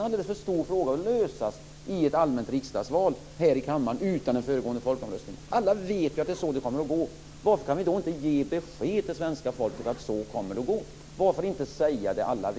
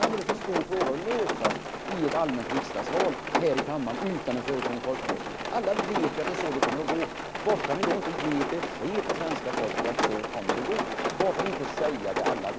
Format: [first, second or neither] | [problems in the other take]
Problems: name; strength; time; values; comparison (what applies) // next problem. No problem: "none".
first | background sound (Rain); as loud as the speech